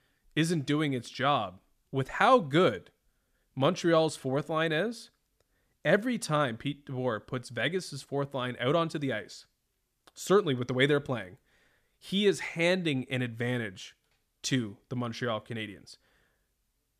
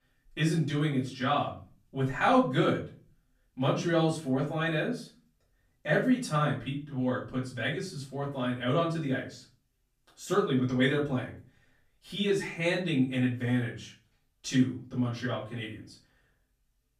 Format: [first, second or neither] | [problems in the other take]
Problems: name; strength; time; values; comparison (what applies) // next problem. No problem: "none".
first | room echo; slight; dies away in 0.3 s // off-mic speech; far